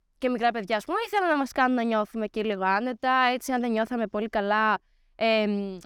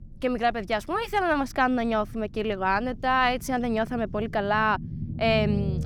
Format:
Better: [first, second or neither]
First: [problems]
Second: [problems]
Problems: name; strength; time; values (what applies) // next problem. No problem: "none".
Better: first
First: none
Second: low rumble; faint; throughout; 20 dB below the speech